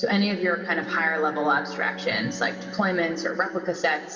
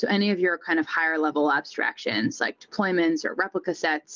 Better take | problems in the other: second | background sound (Bowed string instrument); 15 dB below the speech // room echo; dies away in 2.3 s

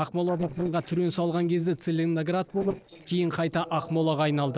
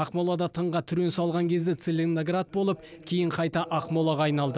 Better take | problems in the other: second | noise reduction (neural separator model SepFormer DNS4)

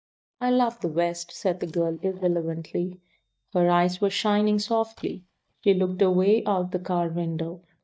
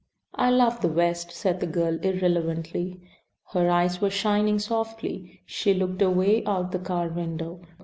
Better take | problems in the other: second | noise reduction (neural mask model DeepFilterNet 3)

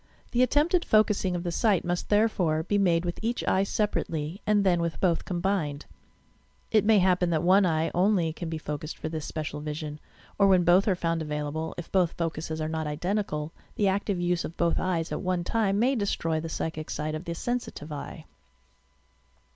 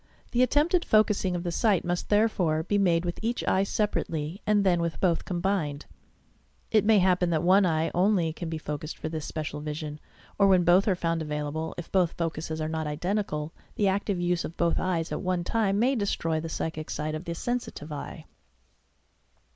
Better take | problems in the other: first | noise reduction (neural mask model Resemble Enhance denoiser)

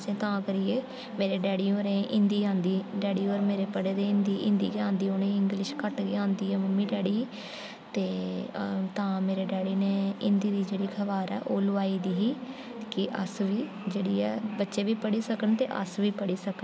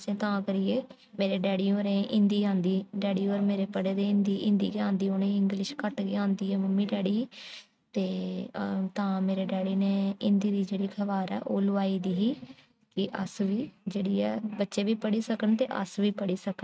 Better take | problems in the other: first | noise reduction (neural mask model RNNoise)

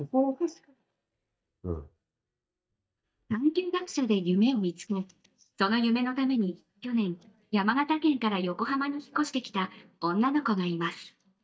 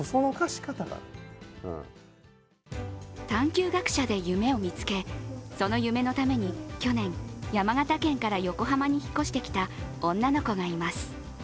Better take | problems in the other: second | noise reduction (neural mask model DeepFilterNet 3)

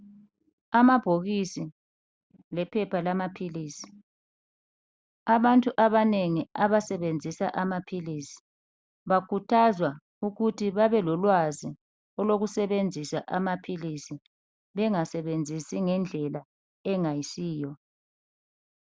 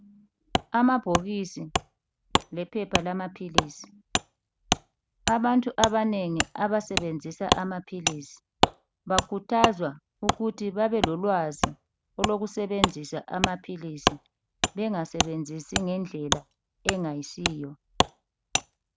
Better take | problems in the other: first | background sound (Wood); 1 dB below the speech

